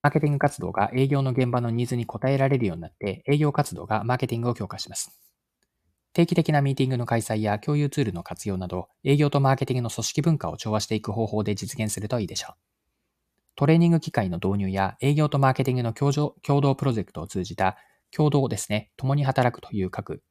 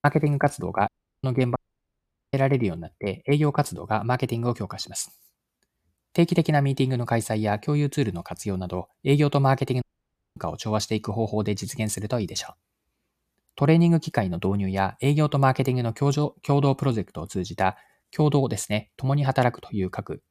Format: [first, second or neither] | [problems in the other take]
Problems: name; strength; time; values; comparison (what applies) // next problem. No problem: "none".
first | audio cutting out; at 1 s, at 1.5 s for 1 s and at 10 s for 0.5 s